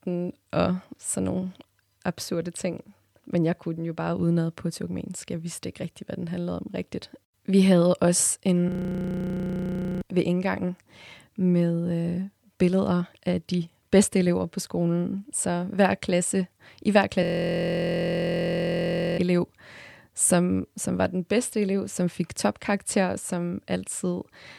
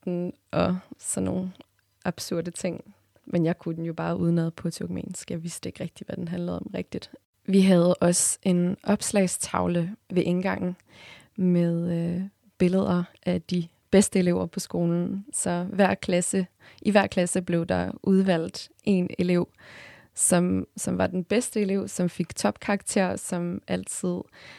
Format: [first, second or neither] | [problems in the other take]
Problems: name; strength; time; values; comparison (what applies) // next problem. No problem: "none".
second | audio freezing; at 8.5 s for 1.5 s and at 17 s for 2 s